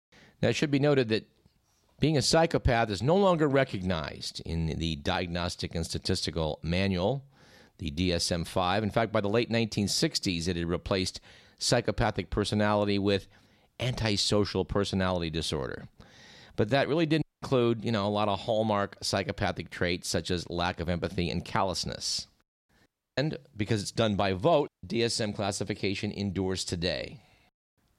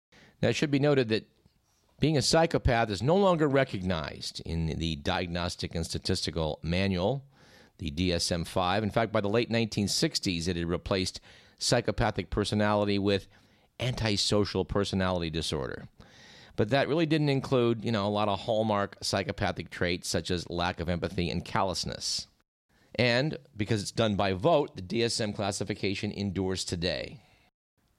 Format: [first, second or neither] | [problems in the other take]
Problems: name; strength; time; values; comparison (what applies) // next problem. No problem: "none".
second | audio cutting out; at 17 s, at 23 s and at 25 s